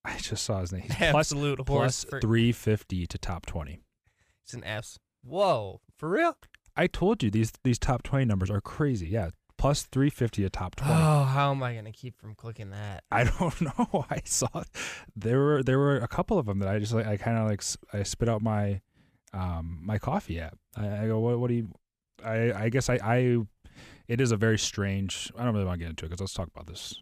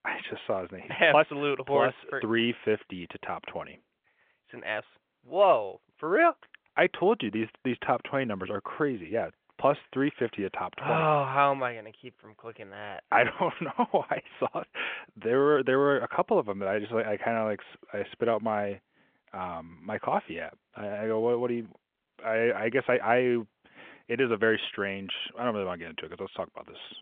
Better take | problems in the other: first | phone-call audio; nothing above 3.5 kHz

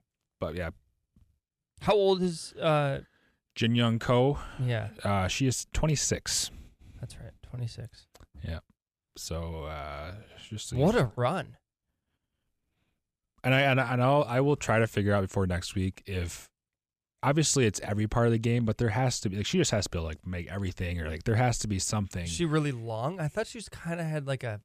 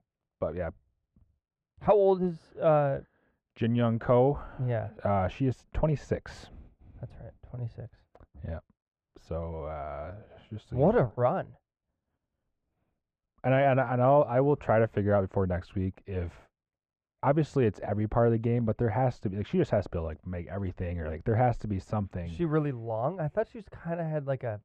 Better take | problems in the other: first | muffled; very; fading above 3.5 kHz

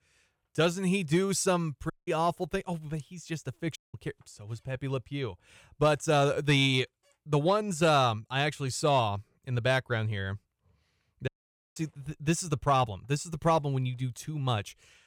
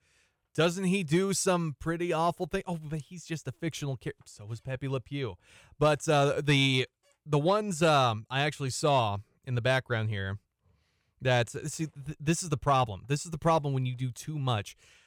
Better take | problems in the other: second | audio cutting out; at 2 s, at 4 s and at 11 s

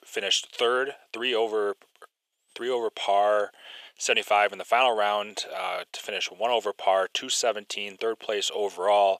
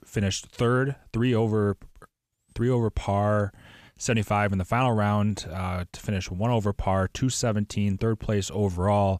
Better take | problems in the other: second | thin; very; fading below 400 Hz

